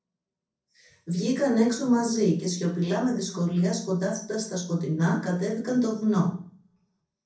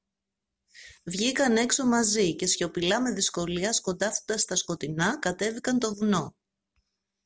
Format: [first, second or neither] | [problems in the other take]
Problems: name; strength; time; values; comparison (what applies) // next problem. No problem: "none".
second | room echo; dies away in 0.6 s